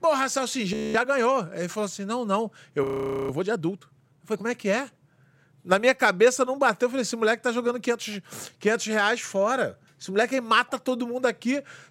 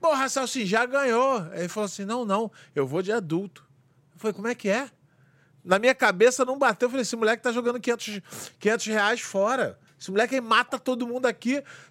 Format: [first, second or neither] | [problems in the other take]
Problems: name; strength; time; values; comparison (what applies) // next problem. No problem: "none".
second | audio freezing; at 0.5 s and at 3 s